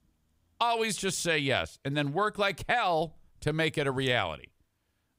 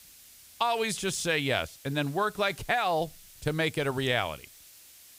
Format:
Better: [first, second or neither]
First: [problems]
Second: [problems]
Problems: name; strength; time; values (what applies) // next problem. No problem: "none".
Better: first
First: none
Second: hiss; faint; throughout; 20 dB below the speech